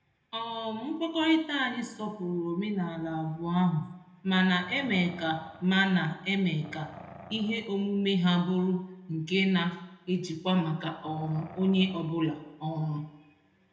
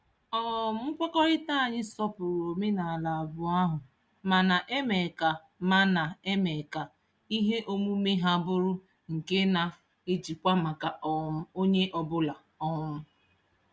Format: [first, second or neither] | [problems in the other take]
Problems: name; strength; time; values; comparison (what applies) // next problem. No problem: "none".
second | background sound (Growling); 18 dB below the speech // room echo; dies away in 0.7 s